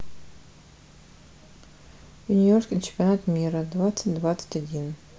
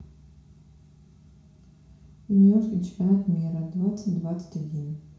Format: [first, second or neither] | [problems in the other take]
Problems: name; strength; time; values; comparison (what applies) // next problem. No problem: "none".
first | room echo; dies away in 0.6 s